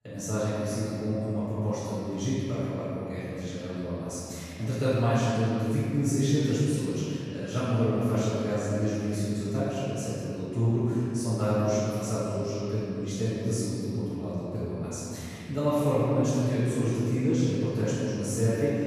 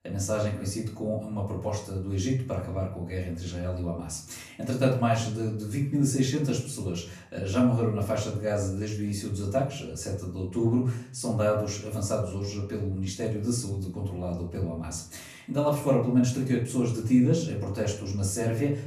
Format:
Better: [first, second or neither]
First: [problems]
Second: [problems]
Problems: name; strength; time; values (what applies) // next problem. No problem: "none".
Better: second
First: room echo; strong; dies away in 2.9 s // off-mic speech; far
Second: room echo; slight; dies away in 0.5 s // off-mic speech; far